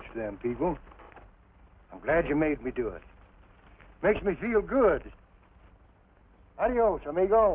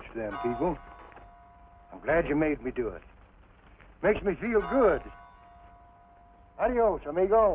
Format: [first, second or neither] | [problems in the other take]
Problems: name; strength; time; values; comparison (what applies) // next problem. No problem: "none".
first | background sound (Piano); 17 dB below the speech